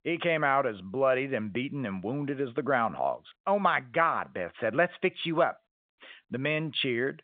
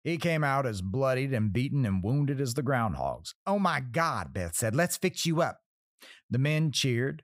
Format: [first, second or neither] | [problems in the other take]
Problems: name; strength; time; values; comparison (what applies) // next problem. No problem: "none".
second | phone-call audio; nothing above 3.5 kHz